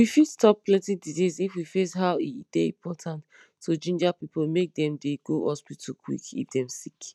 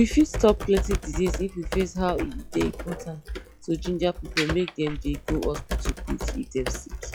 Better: first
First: none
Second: noise reduction (classical method log-MMSE)

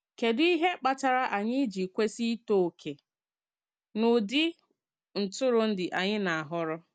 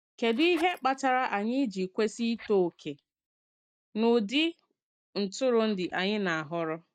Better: first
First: none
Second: noise reduction (neural mask model DeepFilterNet 3)

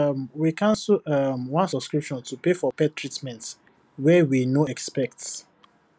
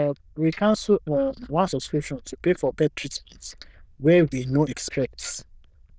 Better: first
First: none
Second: noise reduction (neural diffusion model UNIVERSE++)

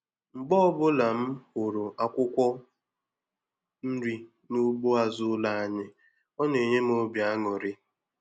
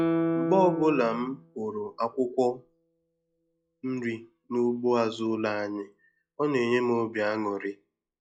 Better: first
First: none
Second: noise reduction (classical method log-MMSE)

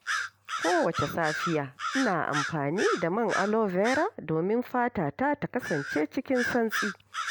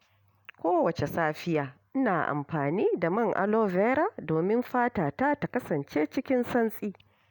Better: second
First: background sound (Bird vocalization, bird call, bird song); 7 dB below the speech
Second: none

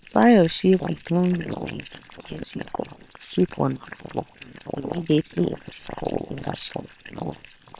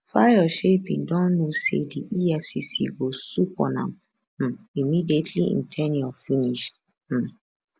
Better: second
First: noise reduction (neural separator model SepFormer WHAM!)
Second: none

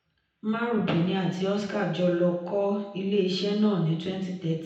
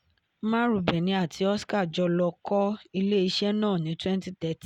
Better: second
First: room echo; dies away in 0.9 s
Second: none

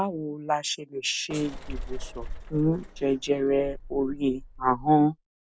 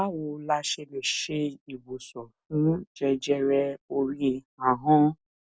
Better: second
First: background sound (Bus / Engine); 11 dB below the speech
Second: none

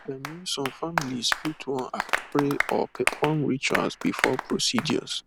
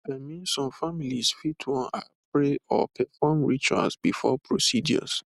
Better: second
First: background sound (Applause); 4 dB below the speech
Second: none

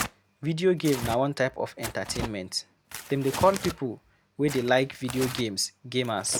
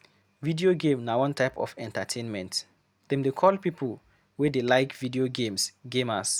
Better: second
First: background sound (Tearing); 11 dB below the speech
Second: none

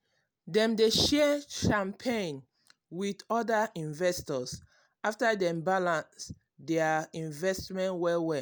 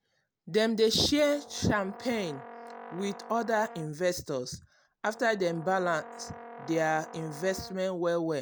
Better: first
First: none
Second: background sound (Brass instrument); 16 dB below the speech

